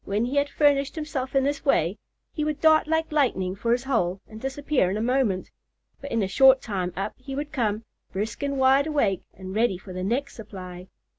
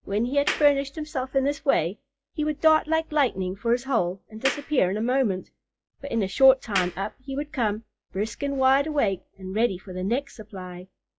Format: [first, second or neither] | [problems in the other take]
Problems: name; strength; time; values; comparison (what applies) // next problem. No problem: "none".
first | noise reduction (classical method log-MMSE)